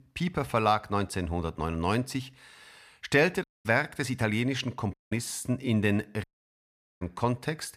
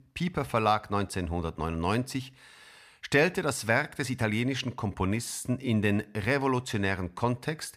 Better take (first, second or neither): second